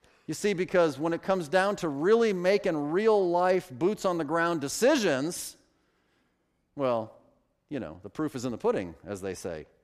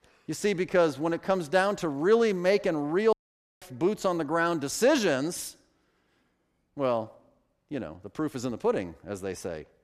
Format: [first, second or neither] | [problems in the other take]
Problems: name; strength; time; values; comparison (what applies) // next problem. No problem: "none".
first | audio cutting out; at 3 s